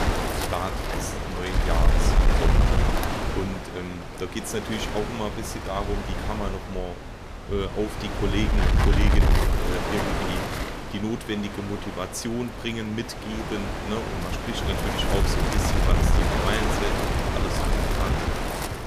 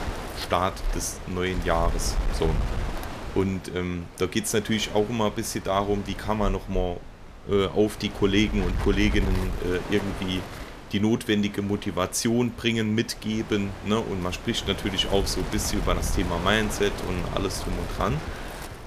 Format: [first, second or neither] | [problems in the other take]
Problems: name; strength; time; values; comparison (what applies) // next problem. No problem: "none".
second | wind noise on the microphone; heavy; 3 dB above the speech; occasional gusts in the second